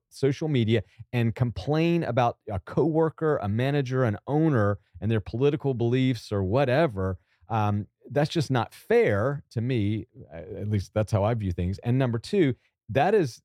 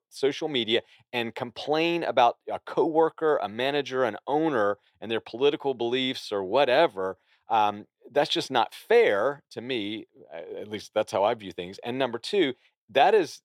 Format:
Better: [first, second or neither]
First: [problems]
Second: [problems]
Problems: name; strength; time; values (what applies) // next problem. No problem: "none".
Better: first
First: none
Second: thin; somewhat; fading below 400 Hz